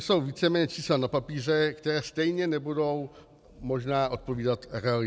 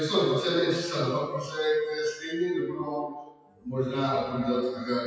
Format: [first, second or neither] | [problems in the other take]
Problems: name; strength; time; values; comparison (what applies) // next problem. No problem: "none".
first | noise reduction (classical method WPE with log-MMSE)